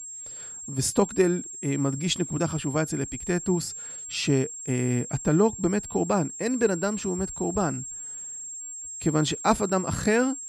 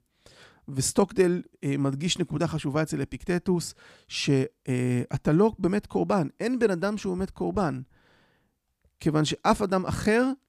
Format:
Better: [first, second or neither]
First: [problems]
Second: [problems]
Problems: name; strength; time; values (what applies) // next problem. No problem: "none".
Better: second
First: high-pitched whine; loud; throughout; 7.5 kHz, 9 dB below the speech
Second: none